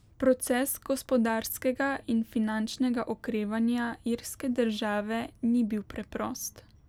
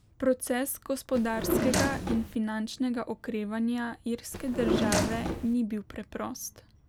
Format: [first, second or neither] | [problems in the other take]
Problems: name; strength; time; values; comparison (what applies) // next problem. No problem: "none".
first | background sound (Drawer open or close); 1 dB above the speech